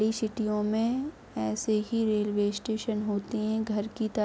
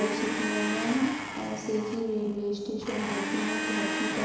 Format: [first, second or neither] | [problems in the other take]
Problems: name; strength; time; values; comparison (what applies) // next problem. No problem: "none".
first | background sound (Domestic sounds, home sounds); 3 dB below the speech // room echo; dies away in 1 s